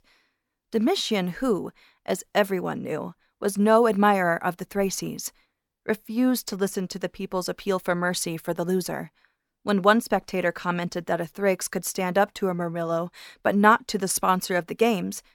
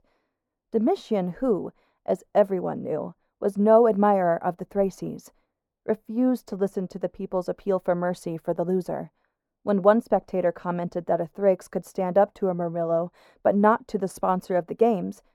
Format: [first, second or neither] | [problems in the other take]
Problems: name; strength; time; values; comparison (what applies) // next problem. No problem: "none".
first | muffled; very; fading above 1.5 kHz